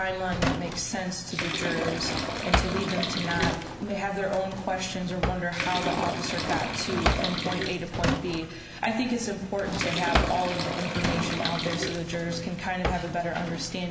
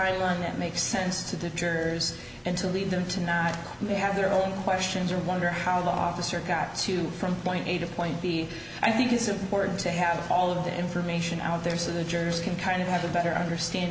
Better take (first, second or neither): second